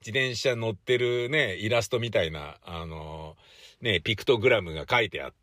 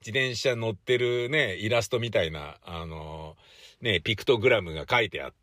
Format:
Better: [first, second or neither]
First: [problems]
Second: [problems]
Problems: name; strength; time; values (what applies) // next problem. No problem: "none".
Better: neither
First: none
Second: none